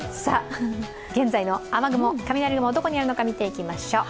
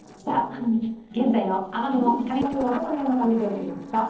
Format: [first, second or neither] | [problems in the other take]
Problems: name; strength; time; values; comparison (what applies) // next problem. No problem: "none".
first | noise reduction (neural separator model SepFormer DNS4)